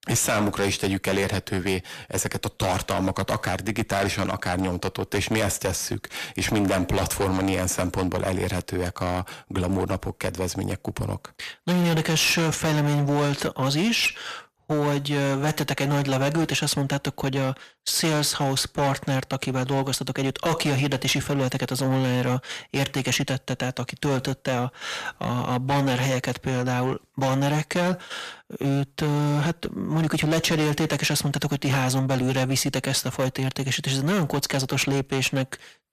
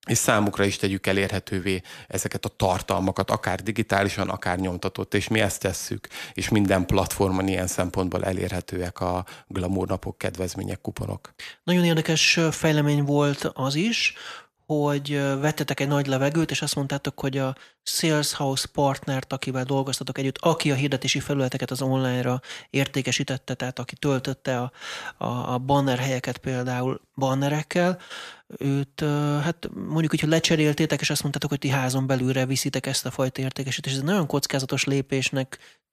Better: second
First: distortion; heavy; 14% of the sound clipped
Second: none

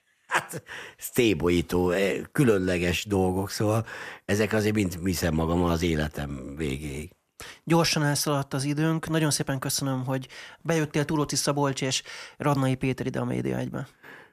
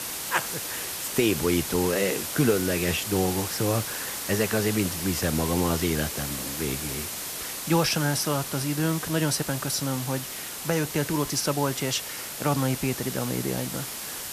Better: first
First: none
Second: hiss; loud; throughout; 4 dB below the speech

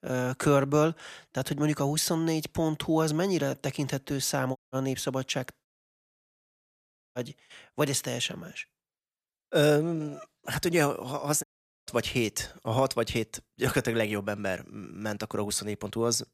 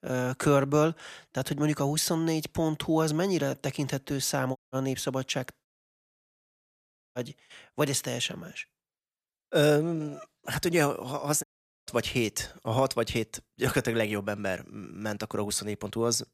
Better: neither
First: audio cutting out; at 4.5 s, at 5.5 s for 1.5 s and at 11 s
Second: audio cutting out; at 4.5 s, at 5.5 s for 1.5 s and at 11 s

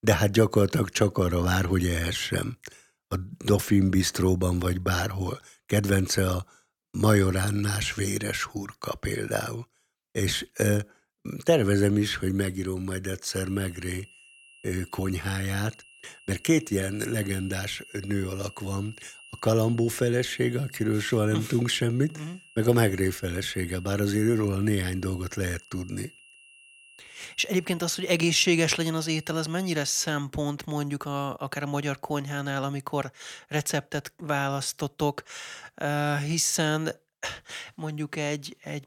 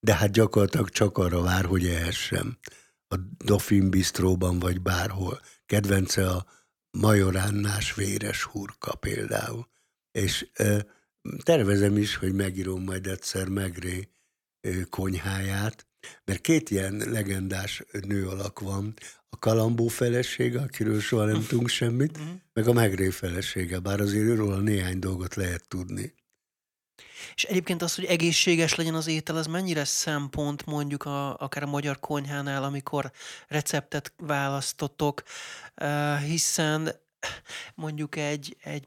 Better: second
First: high-pitched whine; faint; from 13 to 30 s; 2.5 kHz, 20 dB below the speech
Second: none

